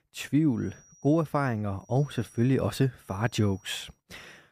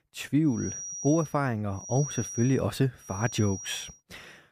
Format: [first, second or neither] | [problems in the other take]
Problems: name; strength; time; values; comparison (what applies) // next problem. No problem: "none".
first | high-pitched whine; loud; at 0.5 s, at 2 s and at 3 s; 6 kHz, 9 dB below the speech; faint in the first